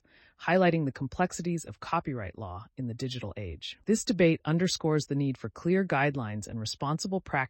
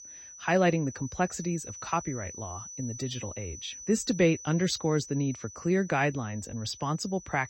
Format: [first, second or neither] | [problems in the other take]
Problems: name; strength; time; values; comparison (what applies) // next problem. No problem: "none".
first | high-pitched whine; noticeable; throughout; 6 kHz, 15 dB below the speech